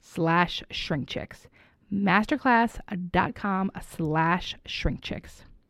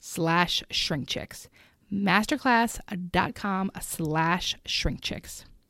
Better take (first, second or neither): second